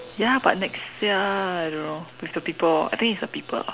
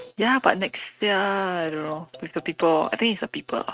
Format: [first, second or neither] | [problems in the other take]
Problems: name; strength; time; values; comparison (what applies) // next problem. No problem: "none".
first | noise reduction (neural mask model RNNoise)